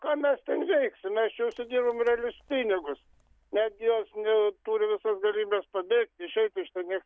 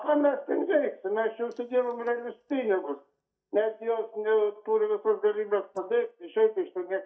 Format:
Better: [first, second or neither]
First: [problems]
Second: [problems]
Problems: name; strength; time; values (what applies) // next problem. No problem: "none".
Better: first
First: none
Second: noise reduction (neural mask model DeepFilterNet 3)